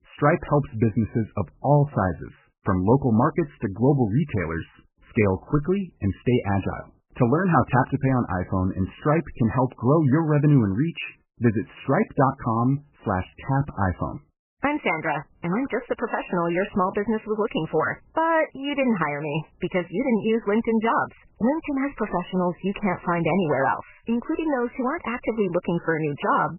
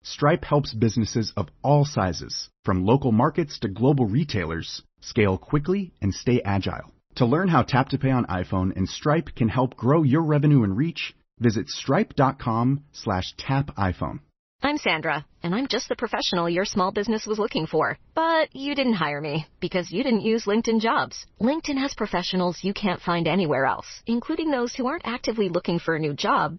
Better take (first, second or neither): second